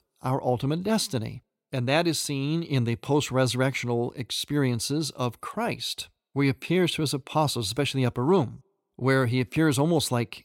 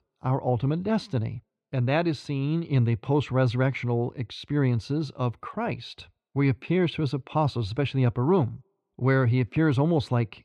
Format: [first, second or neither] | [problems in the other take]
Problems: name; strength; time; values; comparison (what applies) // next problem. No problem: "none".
first | muffled; slightly; fading above 2.5 kHz